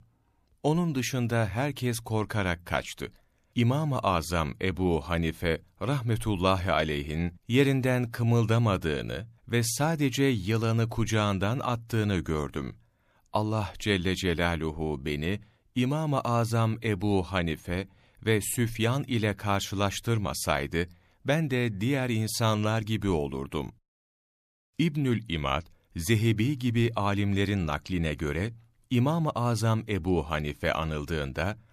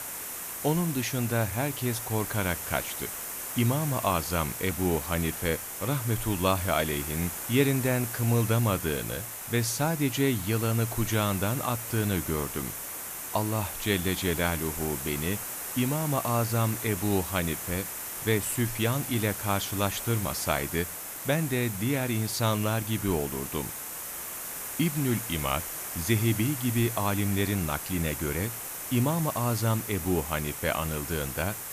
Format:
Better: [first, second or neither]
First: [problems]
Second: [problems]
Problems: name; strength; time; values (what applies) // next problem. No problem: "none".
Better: first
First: none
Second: hiss; loud; throughout; 5 dB below the speech